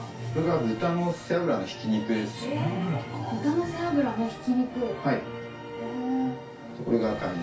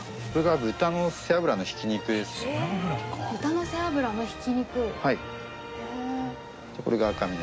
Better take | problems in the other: second | room echo; dies away in 0.3 s

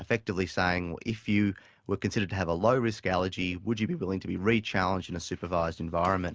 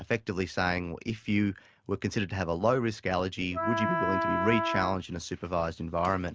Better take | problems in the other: first | background sound (Wind instrument, woodwind instrument); 1 dB below the speech

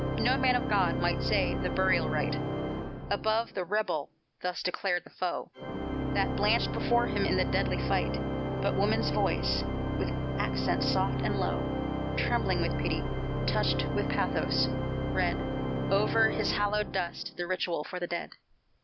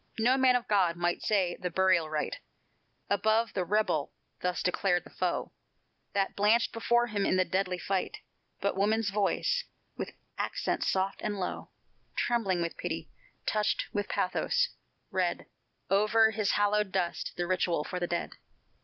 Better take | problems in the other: second | background sound (Organ); as loud as the speech

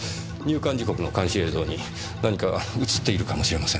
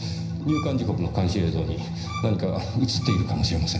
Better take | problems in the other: first | background sound (Bowed string instrument); 15 dB below the speech // room echo; dies away in 0.9 s

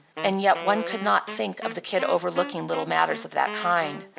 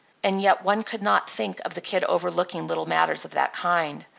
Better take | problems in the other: second | background sound (Wind instrument, woodwind instrument); 12 dB below the speech

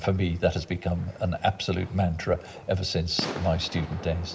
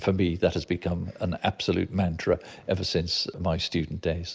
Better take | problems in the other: second | background sound (Fireworks); 14 dB below the speech // room echo; dies away in 0.5 s

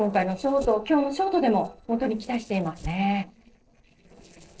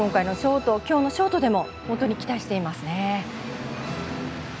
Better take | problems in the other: second | noise reduction (neural separator model SepFormer DNS4)

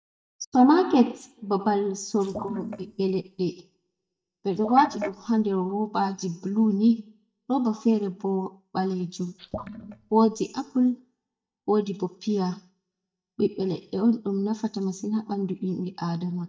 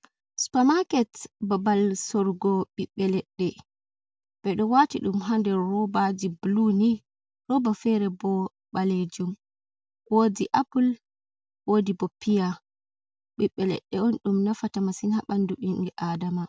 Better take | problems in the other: second | noise reduction (neural mask model DeepFilterNet 3)

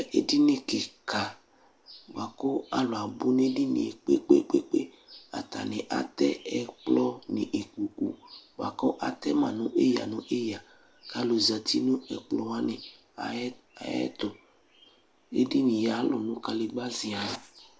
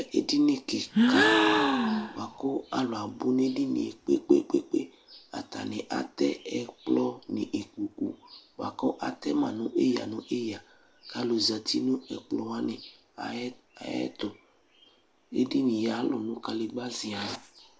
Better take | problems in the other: first | background sound (Gasp); 3 dB above the speech

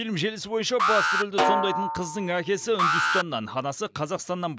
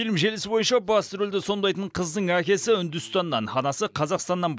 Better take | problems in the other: second | background sound (Alarm + Snare drum); 2 dB above the speech

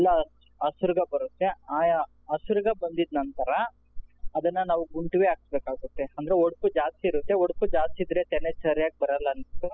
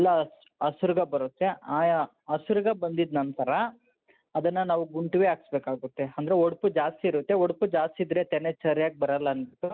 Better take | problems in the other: second | noise reduction (classical method spectral subtraction)

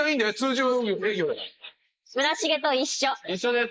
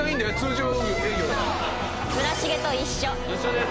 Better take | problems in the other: second | noise reduction (neural mask model Resemble Enhance denoiser)

